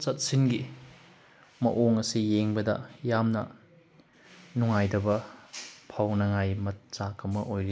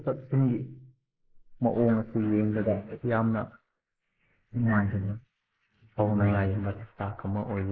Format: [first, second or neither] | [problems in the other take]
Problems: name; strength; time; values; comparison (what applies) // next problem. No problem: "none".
first | noise reduction (neural mask model Resemble Enhance denoiser)